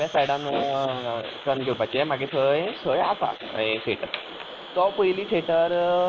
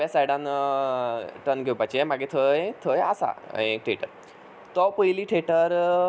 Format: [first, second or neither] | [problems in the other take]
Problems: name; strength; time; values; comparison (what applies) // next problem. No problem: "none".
second | noise reduction (neural mask model Resemble Enhance denoiser)